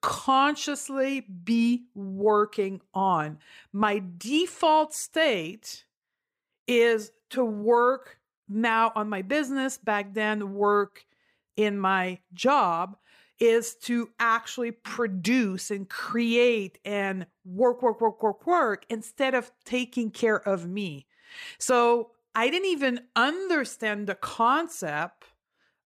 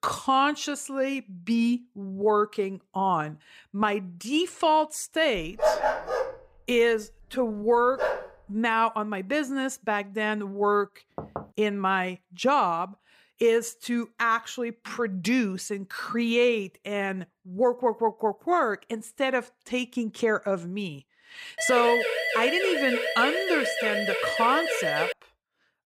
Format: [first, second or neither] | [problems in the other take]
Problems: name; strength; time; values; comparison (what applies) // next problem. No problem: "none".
first | dog barking; loud; from 5.5 to 8 s; peak 3 dB above the speech // door banging; faint; at 11 s; peak 10 dB below the speech // siren; loud; from 22 to 25 s; peak 1 dB above the speech